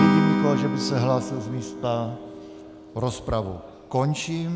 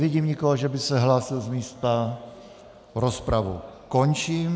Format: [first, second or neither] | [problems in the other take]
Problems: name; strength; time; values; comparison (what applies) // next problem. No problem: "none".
second | background sound (Acoustic guitar / Strum); as loud as the speech